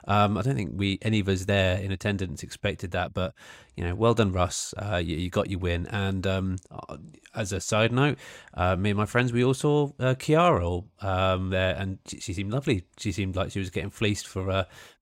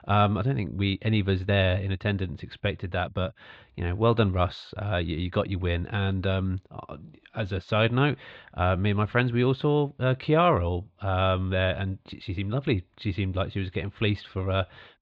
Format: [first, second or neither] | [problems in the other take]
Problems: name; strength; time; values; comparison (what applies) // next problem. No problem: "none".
first | muffled; slightly; fading above 4 kHz